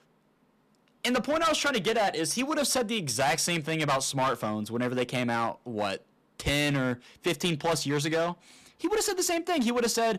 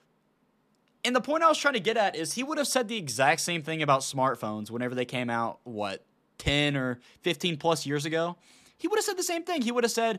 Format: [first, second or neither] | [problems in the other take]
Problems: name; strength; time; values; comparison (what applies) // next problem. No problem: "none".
second | distortion; heavy; 10% of the sound clipped